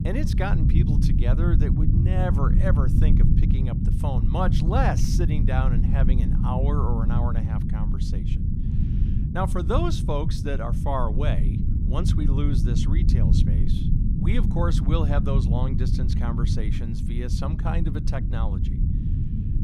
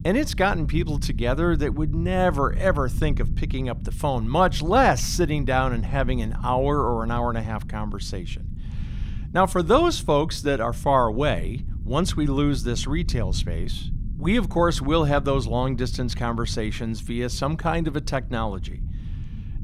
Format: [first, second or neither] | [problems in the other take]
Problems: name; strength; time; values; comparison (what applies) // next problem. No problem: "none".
second | low rumble; loud; throughout; 4 dB below the speech; faint in the second